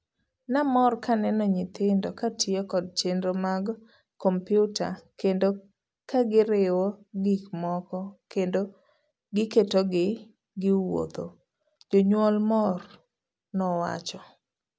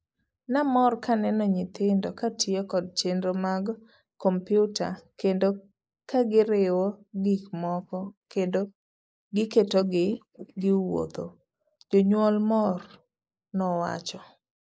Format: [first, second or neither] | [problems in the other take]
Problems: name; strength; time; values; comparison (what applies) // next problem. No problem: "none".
first | noise reduction (neural mask model Resemble Enhance denoiser)